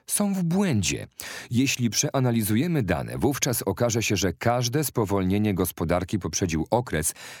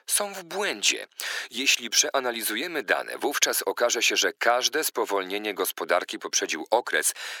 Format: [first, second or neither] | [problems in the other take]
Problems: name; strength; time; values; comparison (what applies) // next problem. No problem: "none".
first | thin; very; fading below 400 Hz